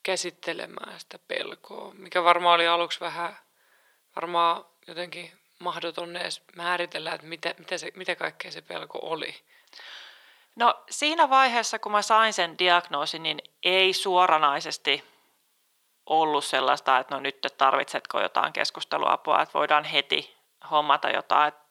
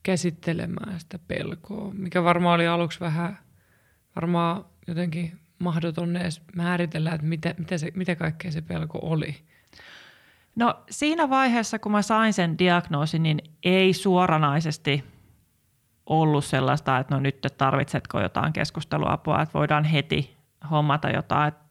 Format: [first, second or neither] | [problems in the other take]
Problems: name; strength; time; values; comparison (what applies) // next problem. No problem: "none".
second | thin; very; fading below 450 Hz